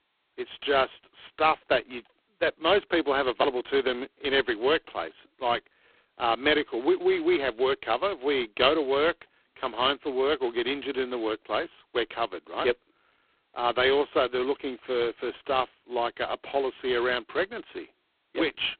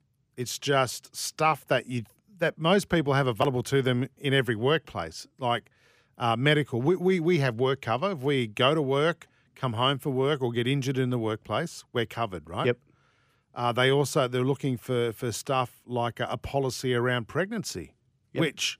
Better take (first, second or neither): second